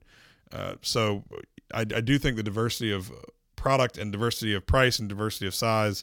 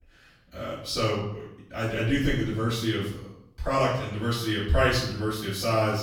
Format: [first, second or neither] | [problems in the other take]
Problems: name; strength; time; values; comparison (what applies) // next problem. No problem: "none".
first | off-mic speech; far // room echo; noticeable; dies away in 0.6 s